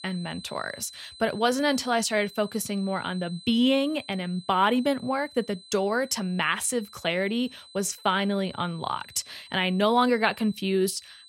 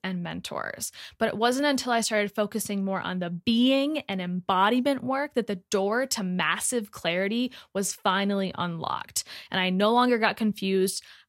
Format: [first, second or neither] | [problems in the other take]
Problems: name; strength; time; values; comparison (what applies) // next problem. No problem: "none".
second | high-pitched whine; noticeable; throughout; 4 kHz, 20 dB below the speech